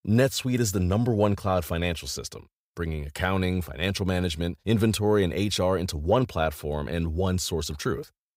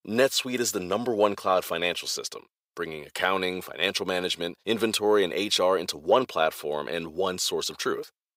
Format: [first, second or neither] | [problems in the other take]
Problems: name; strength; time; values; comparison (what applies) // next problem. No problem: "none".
first | thin; somewhat; fading below 400 Hz